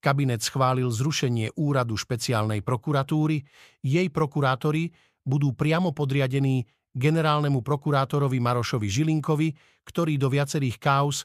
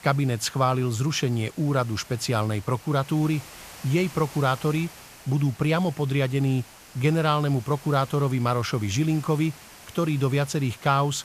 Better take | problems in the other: first | hiss; noticeable; throughout; 20 dB below the speech

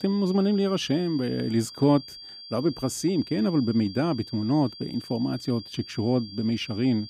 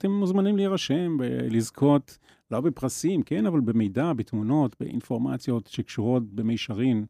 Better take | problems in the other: second | high-pitched whine; noticeable; throughout; 4.5 kHz, 15 dB below the speech

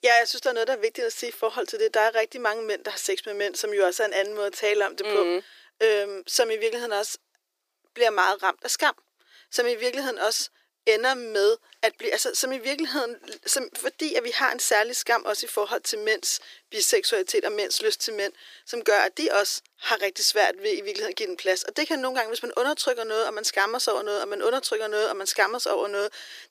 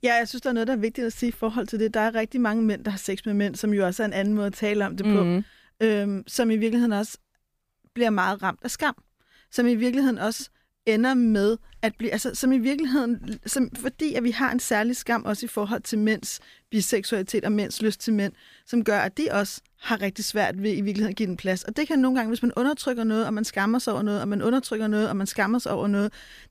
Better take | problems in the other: second | thin; very; fading below 350 Hz

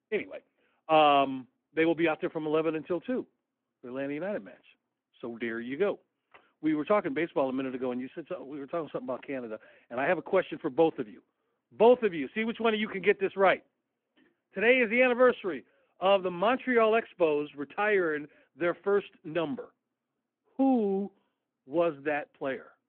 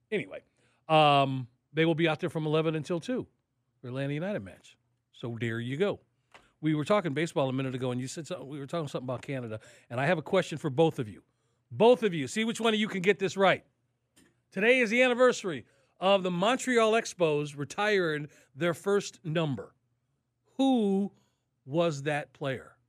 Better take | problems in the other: second | phone-call audio

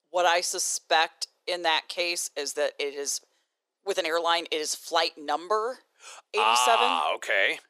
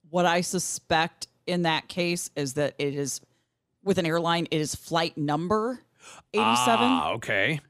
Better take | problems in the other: second | thin; very; fading below 450 Hz

